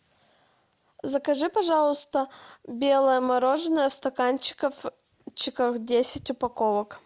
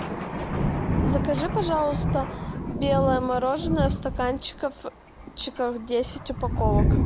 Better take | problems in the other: first | background sound (Thunder); 1 dB above the speech

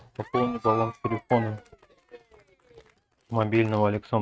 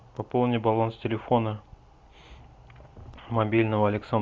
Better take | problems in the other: second | noise reduction (neural mask model RNNoise)

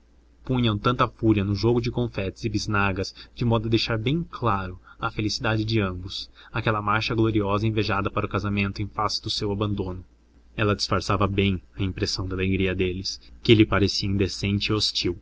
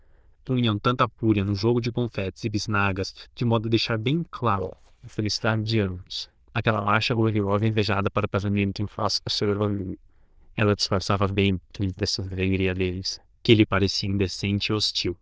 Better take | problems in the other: first | noise reduction (neural diffusion model UNIVERSE++)

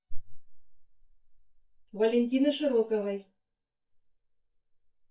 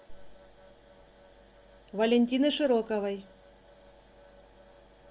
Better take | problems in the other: second | noise reduction (neural mask model DeepFilterNet 3)

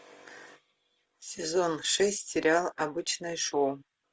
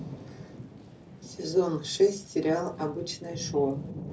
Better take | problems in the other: first | background sound (Thunder / Rain); 12 dB below the speech // room echo; dies away in 0.4 s

